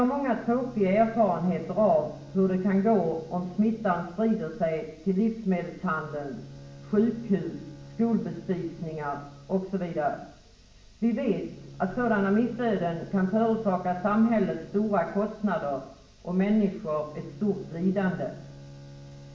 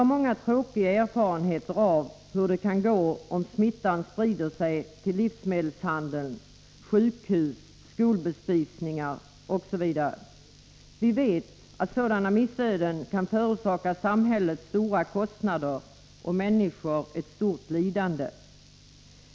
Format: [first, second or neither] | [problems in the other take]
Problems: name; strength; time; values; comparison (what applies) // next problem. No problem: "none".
second | background sound (Bowed string instrument); 20 dB below the speech // room echo; dies away in 0.7 s